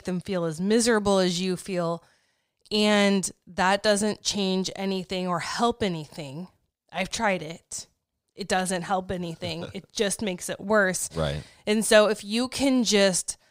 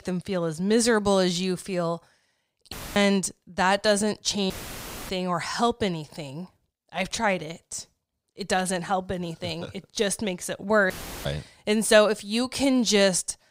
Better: first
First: none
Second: audio cutting out; filled with static; at 2.5 s, at 4.5 s for 0.5 s and at 11 s

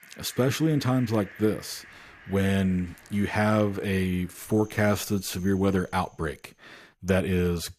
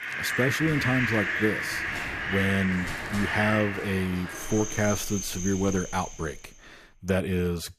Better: first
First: animal sounds; faint; until 6 s; 20 dB below the speech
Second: animal sounds; loud; until 6 s; 2 dB below the speech

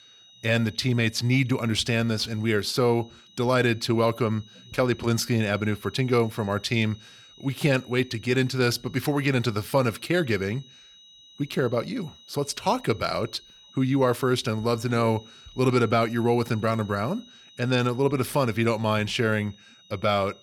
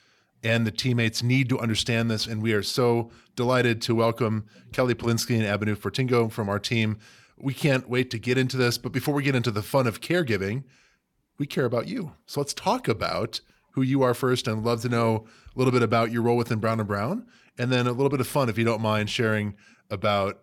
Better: second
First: high-pitched whine; faint; throughout; 4 kHz, 25 dB below the speech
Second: none

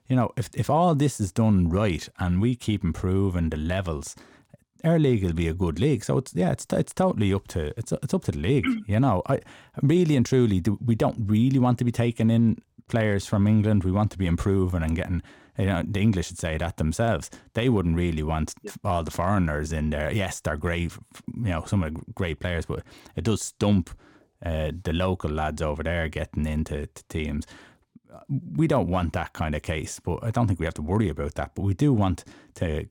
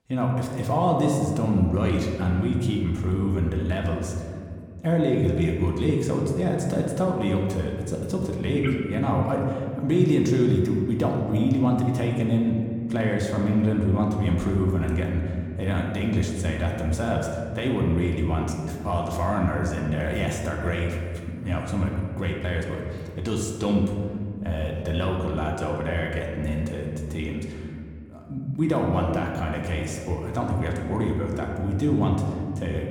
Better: first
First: none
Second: room echo; noticeable; dies away in 2 s // off-mic speech; somewhat distant

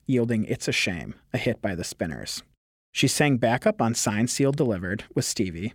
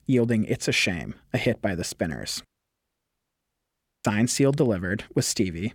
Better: first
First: none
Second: audio cutting out; at 2.5 s for 1.5 s

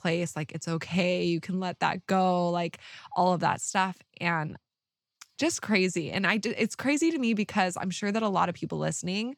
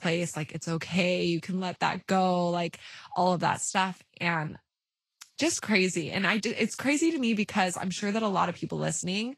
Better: first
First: none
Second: garbled, watery; slightly; nothing above 12 kHz

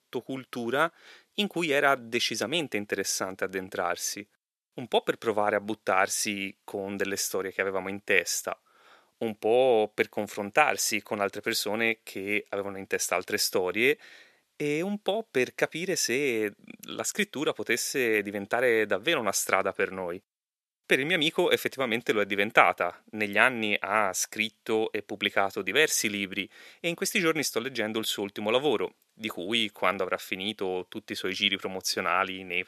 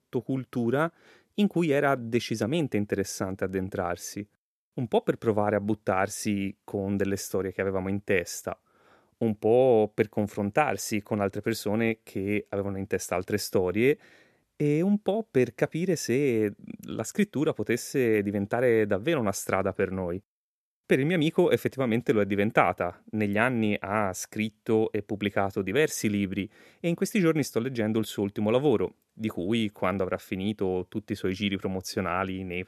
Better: second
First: thin; somewhat; fading below 950 Hz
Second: none

